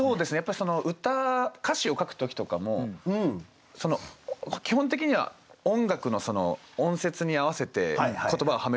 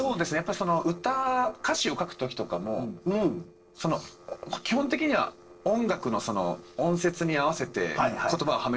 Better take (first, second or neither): first